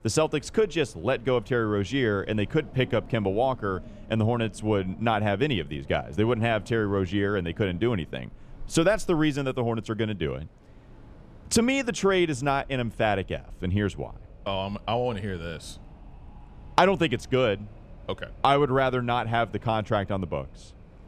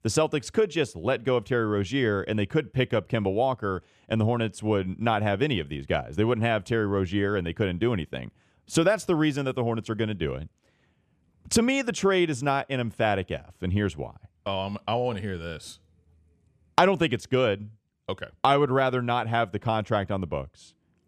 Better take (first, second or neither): second